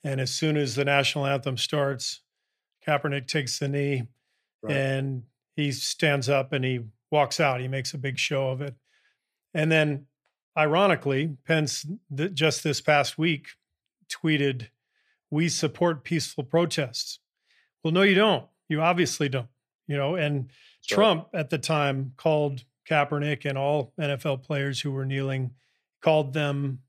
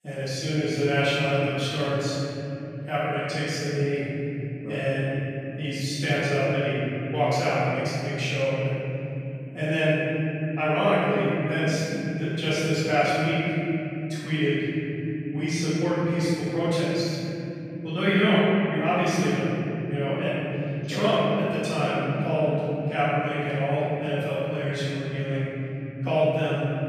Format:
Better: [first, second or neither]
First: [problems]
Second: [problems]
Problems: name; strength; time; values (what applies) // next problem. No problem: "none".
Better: first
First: none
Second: room echo; strong; dies away in 3 s // off-mic speech; far